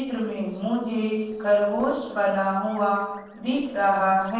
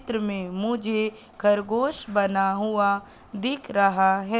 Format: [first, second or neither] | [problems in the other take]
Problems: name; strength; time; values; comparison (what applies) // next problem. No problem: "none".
second | noise reduction (neural separator model SepFormer DNS4)